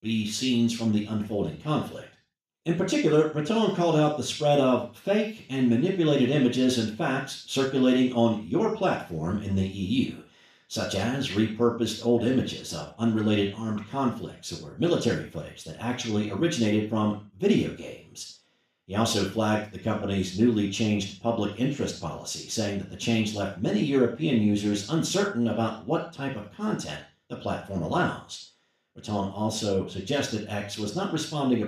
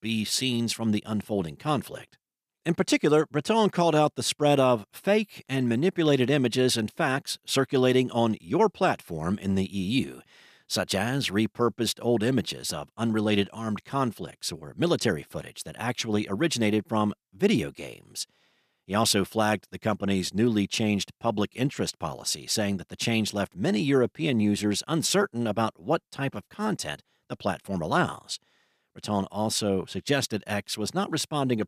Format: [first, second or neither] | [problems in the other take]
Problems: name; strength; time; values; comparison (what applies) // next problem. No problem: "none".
second | room echo; noticeable; dies away in 0.4 s // off-mic speech; far